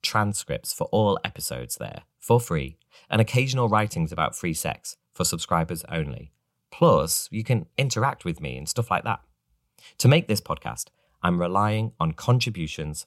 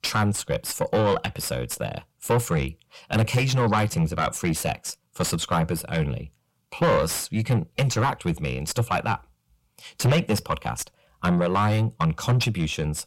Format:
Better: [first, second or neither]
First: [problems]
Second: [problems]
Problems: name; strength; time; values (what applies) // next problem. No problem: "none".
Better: first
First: none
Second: distortion; heavy; 6 dB below the speech